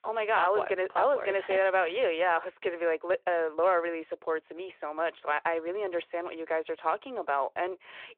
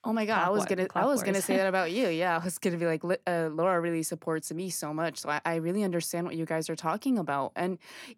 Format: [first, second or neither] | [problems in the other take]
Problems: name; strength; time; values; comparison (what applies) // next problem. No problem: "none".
second | phone-call audio